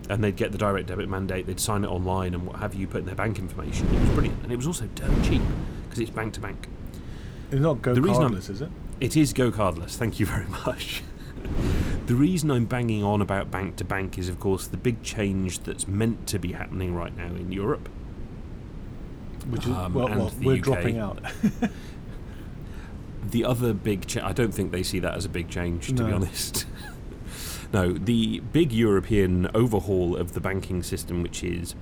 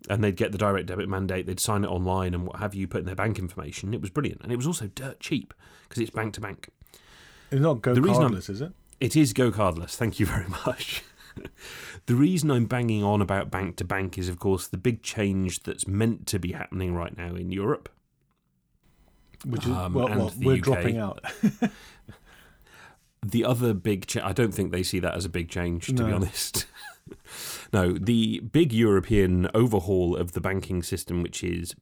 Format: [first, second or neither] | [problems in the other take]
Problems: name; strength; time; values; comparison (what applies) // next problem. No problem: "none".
second | wind noise on the microphone; occasional gusts; 15 dB below the speech